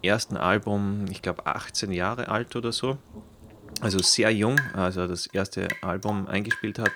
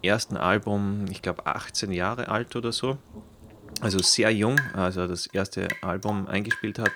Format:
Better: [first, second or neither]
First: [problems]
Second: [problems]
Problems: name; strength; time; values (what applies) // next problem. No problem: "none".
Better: neither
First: rain or running water; loud; throughout; 5 dB below the speech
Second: rain or running water; loud; throughout; 5 dB below the speech